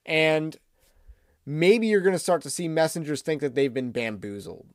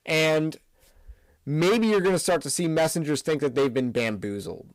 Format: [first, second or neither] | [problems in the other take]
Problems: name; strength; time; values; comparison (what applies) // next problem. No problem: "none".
first | distortion; heavy; 12% of the sound clipped